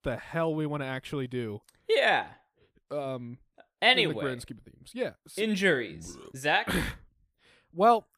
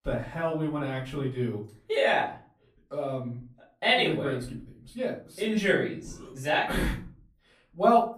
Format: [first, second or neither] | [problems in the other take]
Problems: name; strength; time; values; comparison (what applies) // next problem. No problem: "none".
first | off-mic speech; far // room echo; slight; dies away in 0.4 s